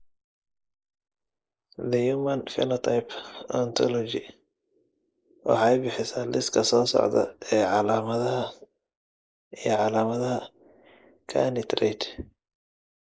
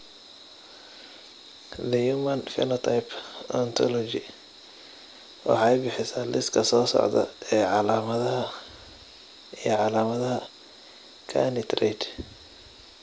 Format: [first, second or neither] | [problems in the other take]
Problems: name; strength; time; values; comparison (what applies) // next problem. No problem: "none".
second | noise reduction (neural mask model Resemble Enhance denoiser)